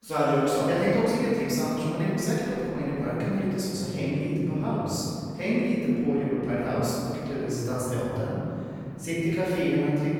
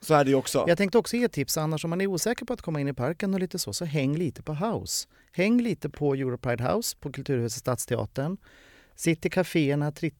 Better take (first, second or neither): second